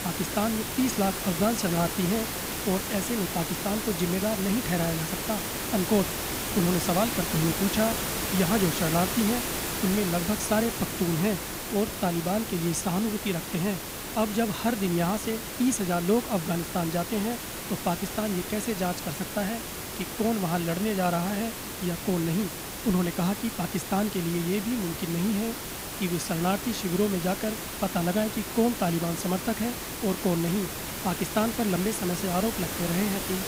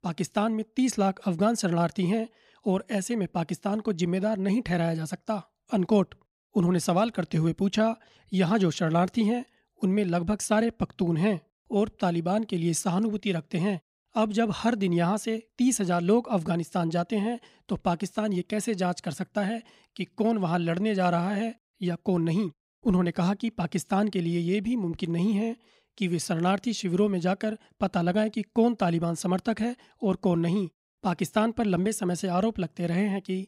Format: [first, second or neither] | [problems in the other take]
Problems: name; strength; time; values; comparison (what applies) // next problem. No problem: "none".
second | hiss; loud; throughout; 3 dB below the speech